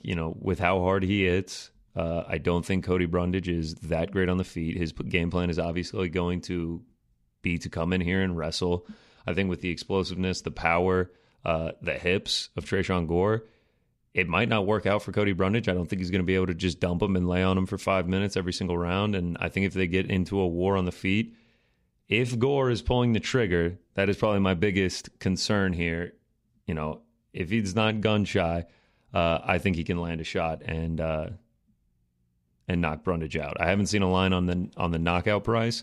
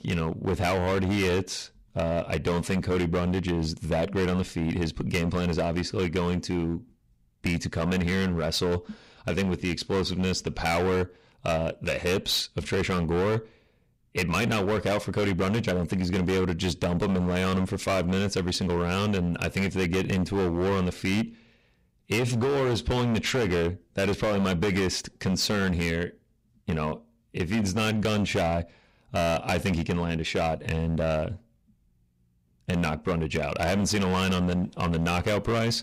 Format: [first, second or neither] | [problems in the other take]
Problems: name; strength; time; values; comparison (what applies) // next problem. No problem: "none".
first | distortion; heavy; 18% of the sound clipped